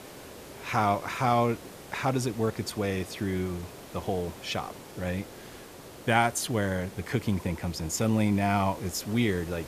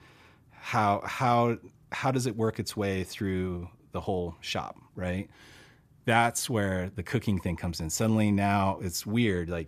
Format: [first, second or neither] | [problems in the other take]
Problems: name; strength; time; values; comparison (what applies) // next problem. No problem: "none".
second | hiss; noticeable; throughout; 15 dB below the speech